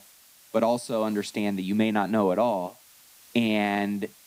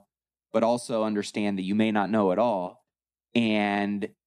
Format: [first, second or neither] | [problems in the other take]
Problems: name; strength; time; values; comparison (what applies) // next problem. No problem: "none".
second | hiss; faint; throughout; 25 dB below the speech